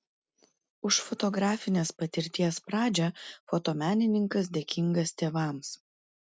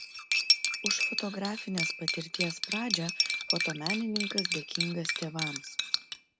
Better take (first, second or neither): first